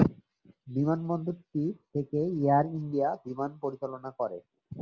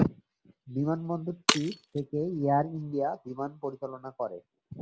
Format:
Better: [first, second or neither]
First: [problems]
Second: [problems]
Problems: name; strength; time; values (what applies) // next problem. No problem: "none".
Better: first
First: none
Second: background sound (Shatter); 5 dB below the speech